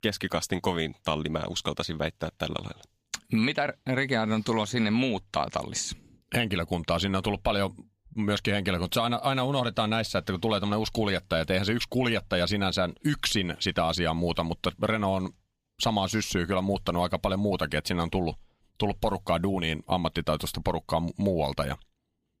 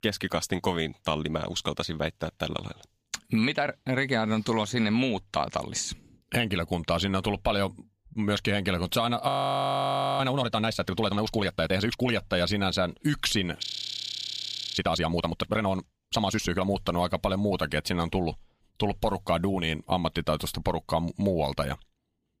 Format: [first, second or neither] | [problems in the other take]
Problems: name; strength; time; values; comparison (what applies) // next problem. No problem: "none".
first | audio freezing; at 9.5 s for 1 s and at 14 s for 1 s